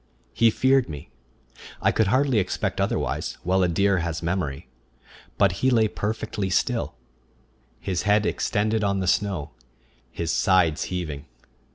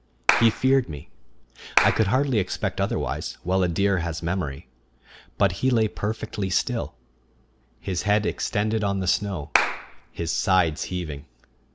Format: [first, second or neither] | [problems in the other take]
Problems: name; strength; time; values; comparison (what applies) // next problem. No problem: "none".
first | background sound (Clapping); 3 dB below the speech